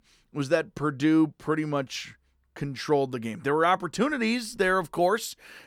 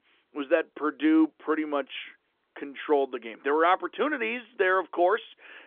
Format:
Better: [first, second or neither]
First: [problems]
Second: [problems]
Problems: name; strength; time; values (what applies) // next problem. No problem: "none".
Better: first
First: none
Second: phone-call audio; nothing above 3.5 kHz